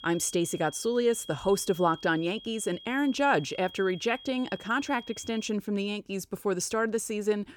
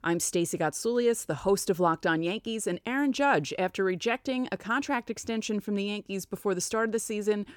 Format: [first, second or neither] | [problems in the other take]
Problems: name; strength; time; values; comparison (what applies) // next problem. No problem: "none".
second | high-pitched whine; noticeable; until 5.5 s; 3.5 kHz, 15 dB below the speech